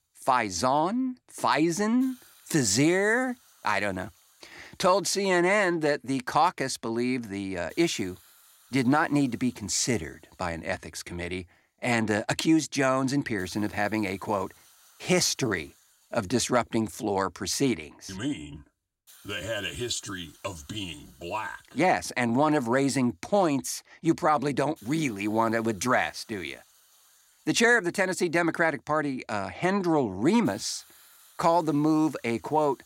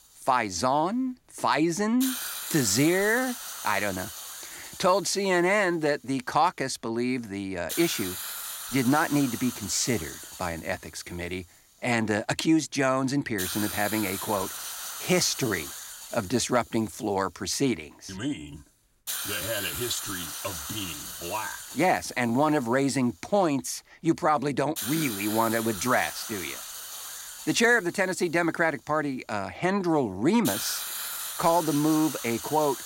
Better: first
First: hiss; faint; throughout; 30 dB below the speech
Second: hiss; loud; throughout; 7 dB below the speech

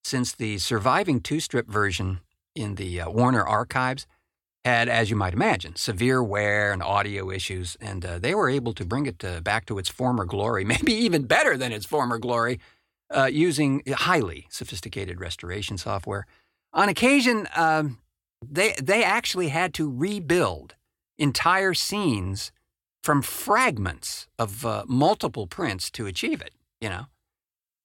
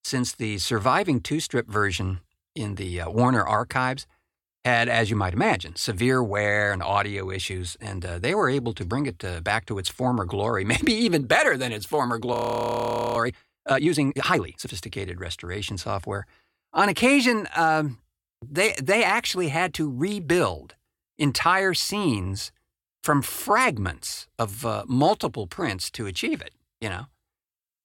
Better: first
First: none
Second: audio freezing; at 12 s for 1 s

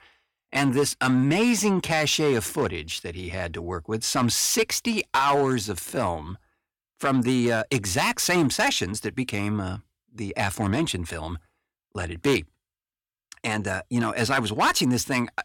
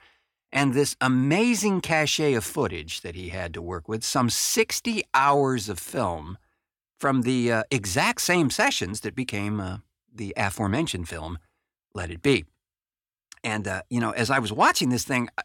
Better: second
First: distortion; slight; 4% of the sound clipped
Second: none

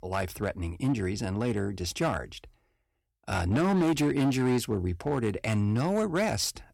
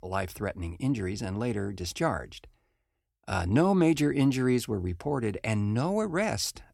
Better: second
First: distortion; slight; 8% of the sound clipped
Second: none

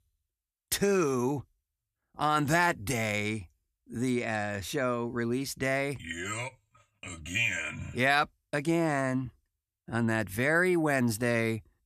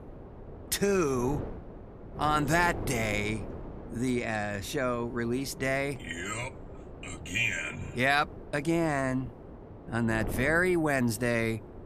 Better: first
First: none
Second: wind noise on the microphone; occasional gusts; 15 dB below the speech

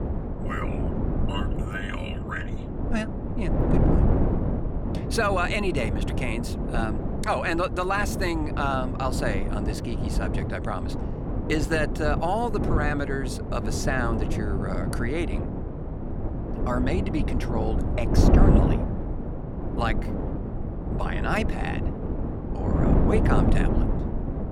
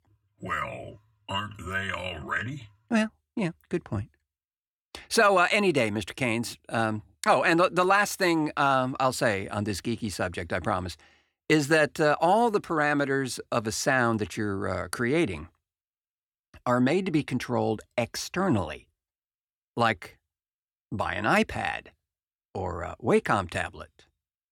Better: second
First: wind noise on the microphone; heavy; 4 dB below the speech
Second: none

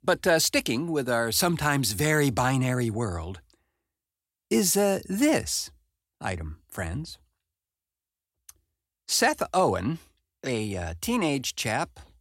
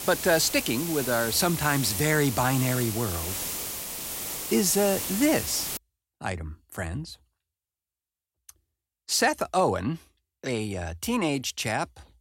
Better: first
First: none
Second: hiss; loud; until 6 s; 5 dB below the speech

